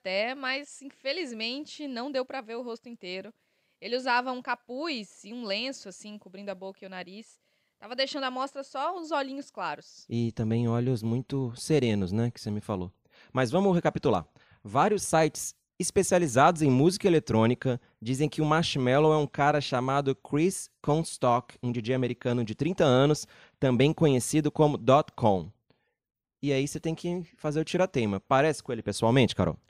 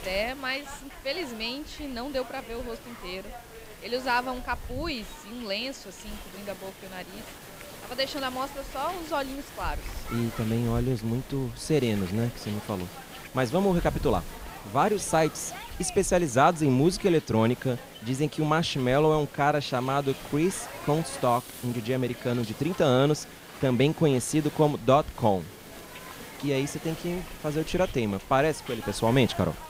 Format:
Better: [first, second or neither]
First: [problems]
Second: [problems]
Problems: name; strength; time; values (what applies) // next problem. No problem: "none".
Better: first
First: none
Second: hiss; noticeable; throughout; 15 dB below the speech